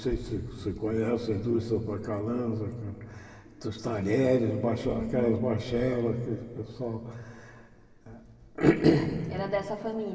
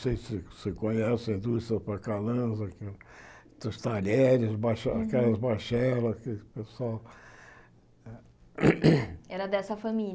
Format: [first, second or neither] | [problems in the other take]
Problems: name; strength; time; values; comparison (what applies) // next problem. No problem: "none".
second | room echo; dies away in 2.6 s